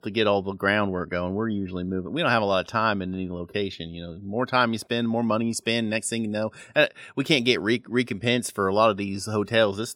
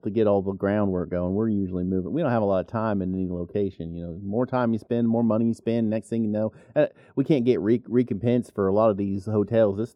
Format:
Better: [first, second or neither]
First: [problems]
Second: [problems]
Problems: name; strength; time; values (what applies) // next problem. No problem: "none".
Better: first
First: none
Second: muffled; very; fading above 1 kHz